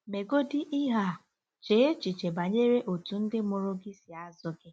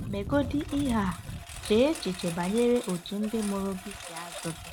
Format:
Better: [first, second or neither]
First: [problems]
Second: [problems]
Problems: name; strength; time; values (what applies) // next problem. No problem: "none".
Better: first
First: none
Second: background sound (Engine); 10 dB below the speech